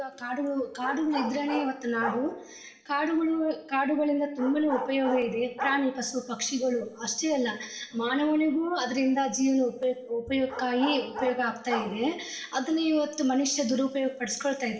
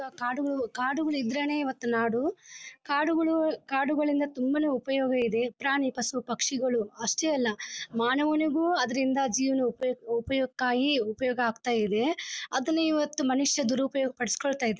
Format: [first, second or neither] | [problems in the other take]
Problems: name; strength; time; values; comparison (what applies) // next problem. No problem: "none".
second | background sound (Bark); 10 dB below the speech // room echo; dies away in 0.8 s